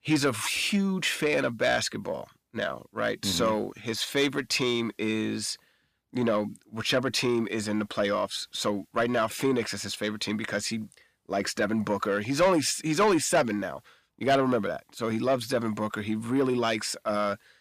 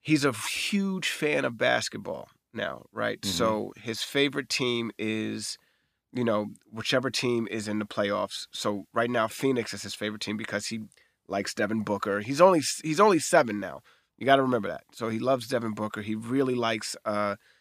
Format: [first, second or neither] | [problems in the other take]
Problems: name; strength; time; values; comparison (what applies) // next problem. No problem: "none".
second | distortion; slight; 10 dB below the speech